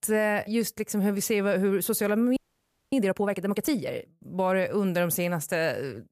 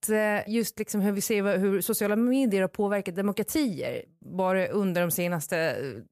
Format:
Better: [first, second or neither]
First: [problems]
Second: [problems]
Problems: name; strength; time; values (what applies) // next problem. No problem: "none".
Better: second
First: audio freezing; at 2.5 s for 0.5 s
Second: none